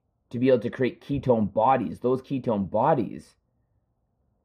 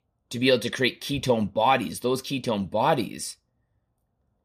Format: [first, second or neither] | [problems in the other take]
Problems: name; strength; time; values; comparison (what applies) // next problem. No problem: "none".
second | muffled; very; fading above 2.5 kHz